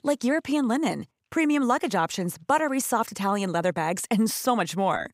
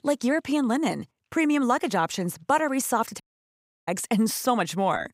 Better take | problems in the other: first | audio cutting out; at 3 s for 0.5 s

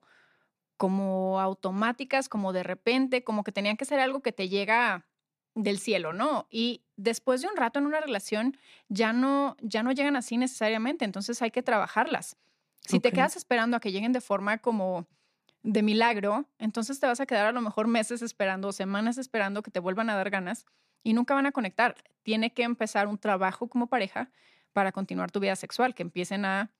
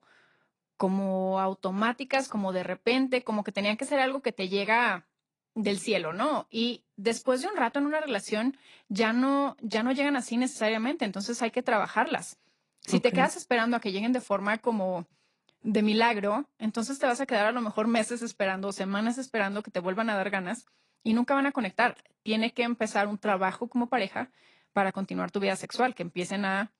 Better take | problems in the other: first | garbled, watery; slightly; nothing above 10.5 kHz

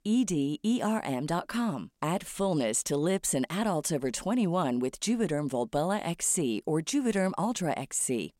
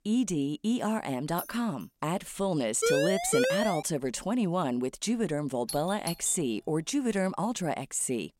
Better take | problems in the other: first | jangling keys; faint; at 1.5 s; peak 10 dB below the speech // siren; loud; from 3 to 4 s; peak 3 dB above the speech // doorbell; noticeable; at 5.5 s; peak 7 dB below the speech

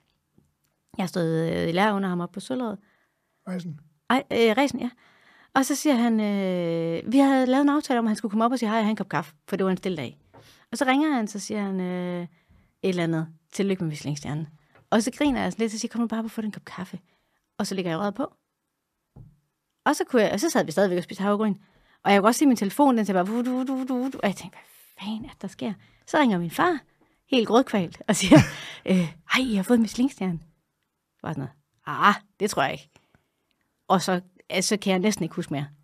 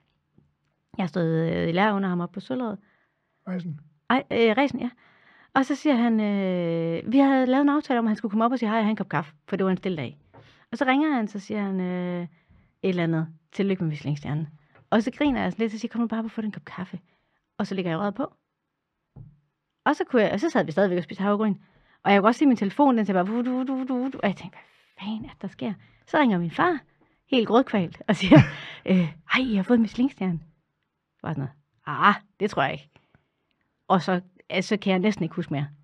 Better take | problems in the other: first | muffled; slightly; fading above 3 kHz

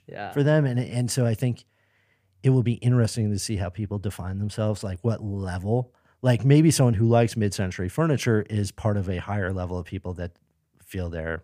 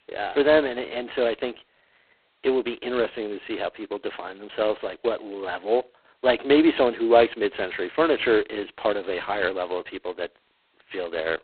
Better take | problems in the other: first | phone-call audio; poor line; nothing above 4 kHz

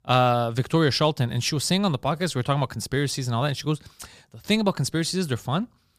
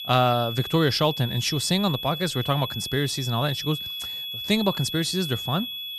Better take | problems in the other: first | high-pitched whine; loud; throughout; 3.5 kHz, 6 dB below the speech

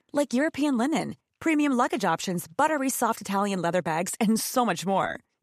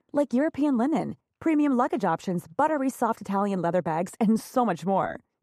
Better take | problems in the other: first | muffled; slightly; fading above 1.5 kHz

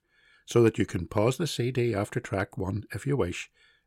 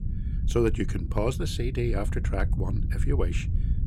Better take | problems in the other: first | low rumble; noticeable; throughout; 15 dB below the speech

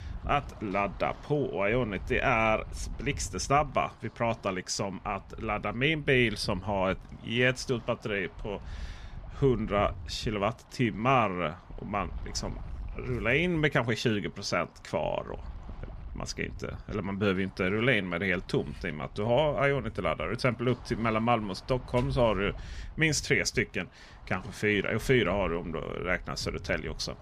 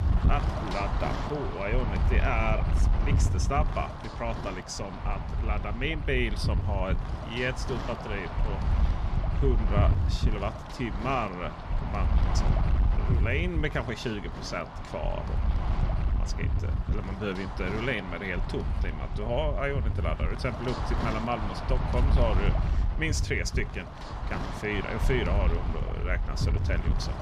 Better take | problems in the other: first | wind noise on the microphone; heavy; 5 dB below the speech; occasional gusts in the first

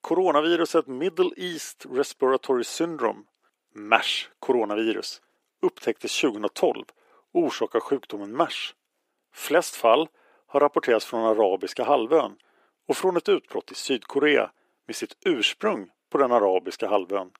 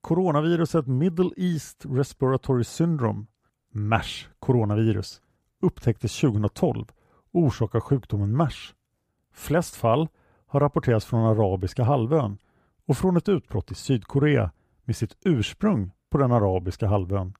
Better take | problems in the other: second | thin; very; fading below 300 Hz

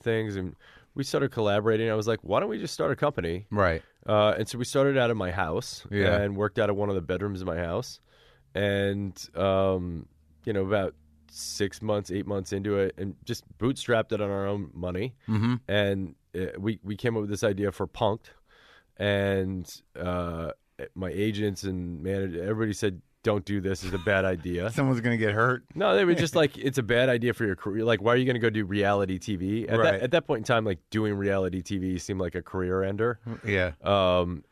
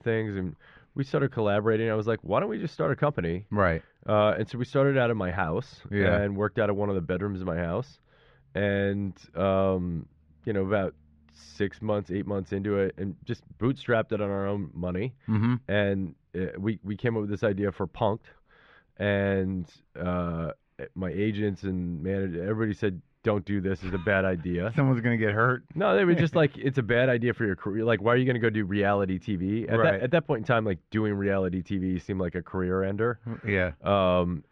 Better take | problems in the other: first | muffled; slightly; fading above 2.5 kHz

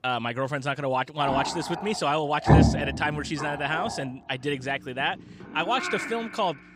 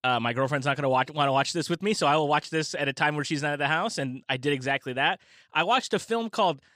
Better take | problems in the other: second | animal sounds; very loud; throughout; 1 dB above the speech

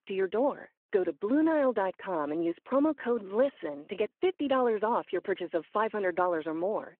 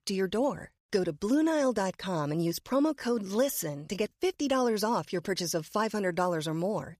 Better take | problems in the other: second | phone-call audio

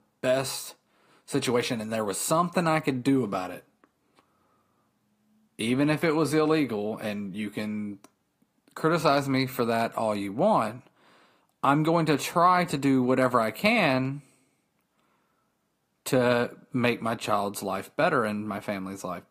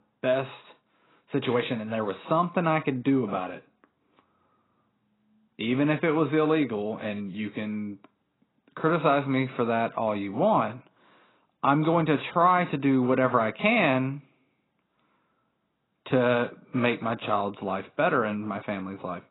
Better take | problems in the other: first | garbled, watery; badly; nothing above 4 kHz; slightly in the first

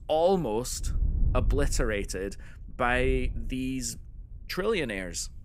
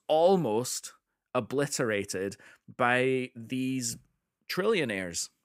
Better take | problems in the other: second | wind noise on the microphone; occasional gusts; 20 dB below the speech

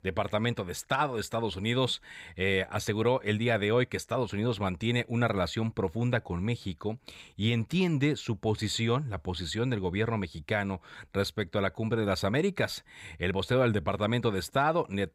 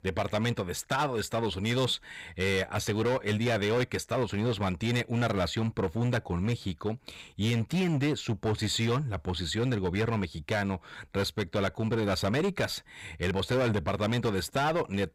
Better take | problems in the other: first | distortion; slight; 13% of the sound clipped

